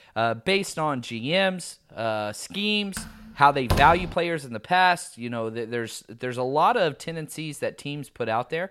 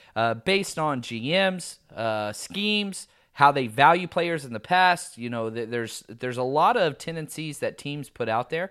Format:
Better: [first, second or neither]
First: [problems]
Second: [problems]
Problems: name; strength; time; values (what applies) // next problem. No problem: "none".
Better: second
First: door banging; noticeable; from 3 to 4 s; peak 3 dB below the speech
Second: none